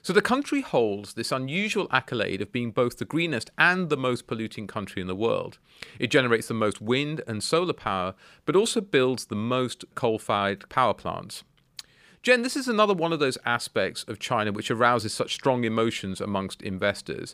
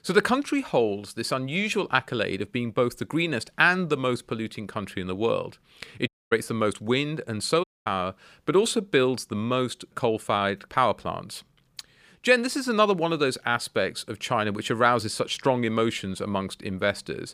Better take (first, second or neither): first